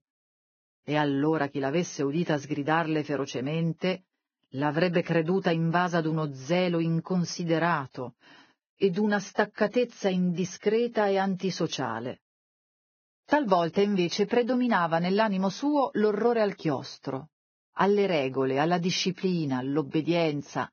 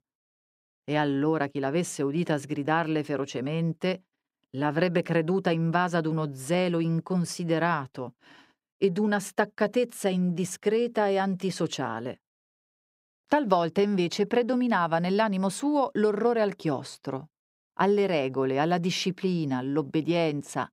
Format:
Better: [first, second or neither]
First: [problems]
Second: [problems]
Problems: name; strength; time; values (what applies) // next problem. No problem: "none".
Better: second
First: garbled, watery; badly; nothing above 6.5 kHz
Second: none